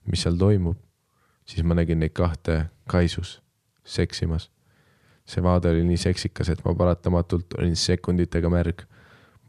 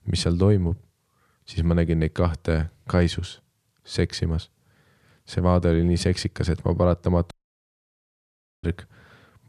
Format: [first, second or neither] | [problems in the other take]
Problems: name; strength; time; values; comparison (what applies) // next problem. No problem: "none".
first | audio cutting out; at 7.5 s for 1.5 s